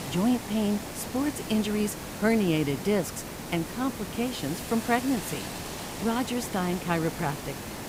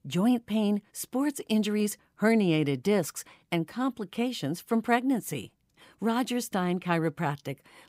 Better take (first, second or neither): second